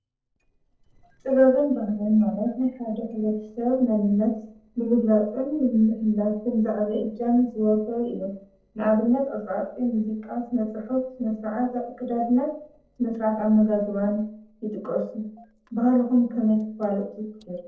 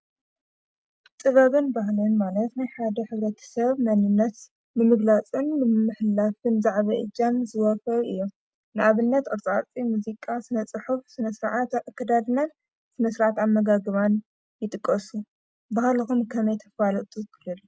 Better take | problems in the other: second | noise reduction (neural separator model SepFormer DNS4)

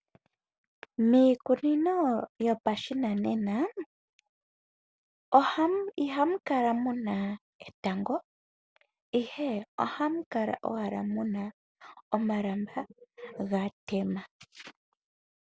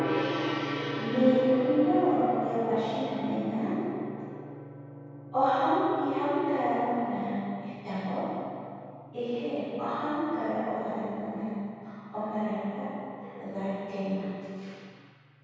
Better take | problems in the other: first | background sound (Gong); 9 dB below the speech // room echo; dies away in 2.2 s

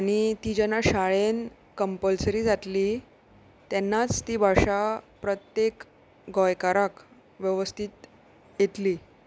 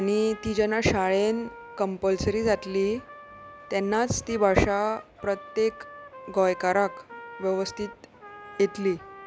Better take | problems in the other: first | background sound (Trumpet); 18 dB below the speech

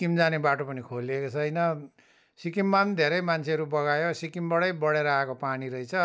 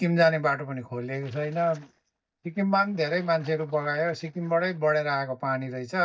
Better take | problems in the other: first | noise reduction (neural mask model DeepFilterNet 3)

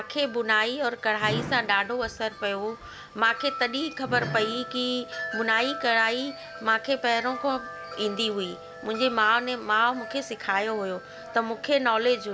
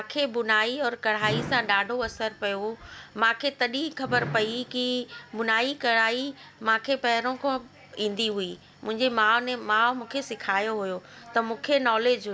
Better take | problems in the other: second | background sound (Wind chime); 13 dB below the speech

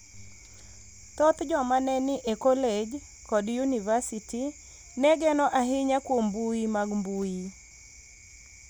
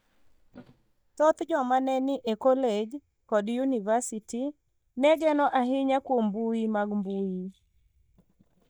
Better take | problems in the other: first | noise reduction (neural mask model DeepFilterNet 3)

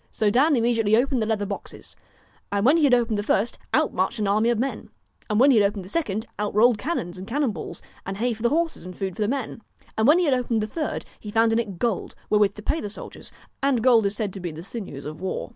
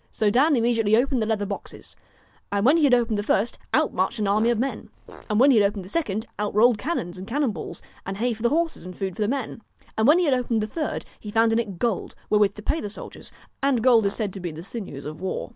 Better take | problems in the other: first | background sound (Fart); 19 dB below the speech

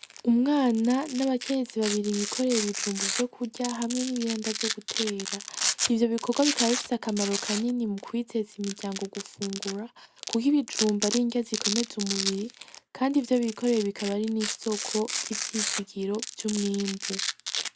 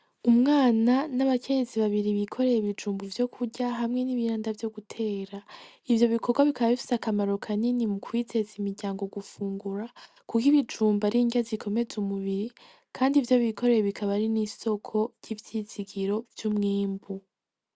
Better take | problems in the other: second | background sound (Domestic sounds, home sounds); 6 dB below the speech

